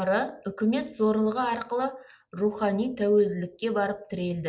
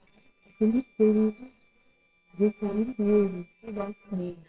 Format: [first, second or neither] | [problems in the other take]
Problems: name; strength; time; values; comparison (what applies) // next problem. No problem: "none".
first | noise reduction (neural separator model SepFormer WHAMR!)